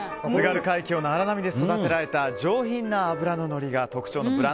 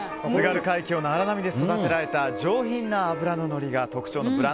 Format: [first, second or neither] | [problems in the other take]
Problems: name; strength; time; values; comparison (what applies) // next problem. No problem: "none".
first | background sound (Harp); 13 dB below the speech